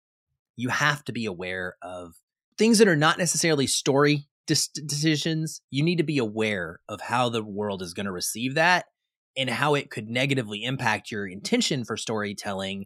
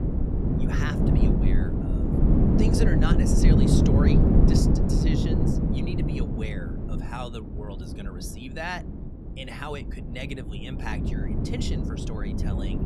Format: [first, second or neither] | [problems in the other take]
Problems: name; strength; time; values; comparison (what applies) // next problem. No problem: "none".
first | wind noise on the microphone; heavy; 4 dB above the speech